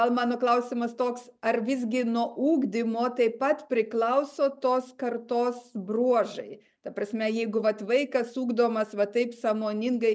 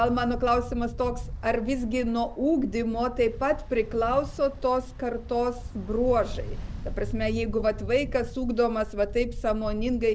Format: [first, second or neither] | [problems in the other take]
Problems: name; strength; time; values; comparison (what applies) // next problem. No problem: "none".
first | background sound (Ocean); 8 dB below the speech